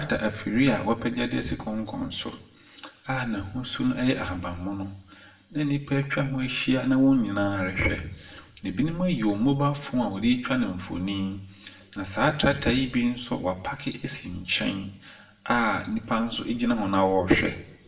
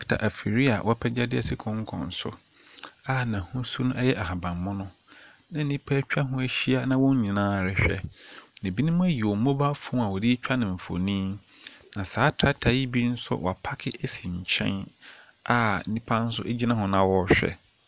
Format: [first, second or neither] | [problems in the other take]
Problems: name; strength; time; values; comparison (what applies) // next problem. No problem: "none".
second | room echo; dies away in 0.6 s